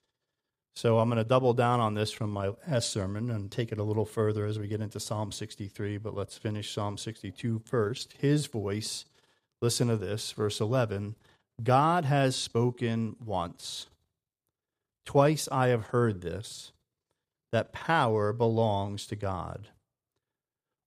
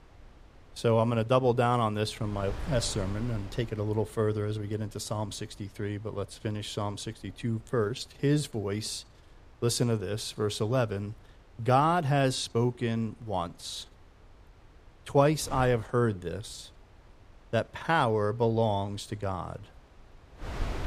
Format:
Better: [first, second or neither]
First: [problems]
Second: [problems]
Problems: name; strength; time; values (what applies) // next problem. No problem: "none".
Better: first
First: none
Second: wind noise on the microphone; occasional gusts; 25 dB below the speech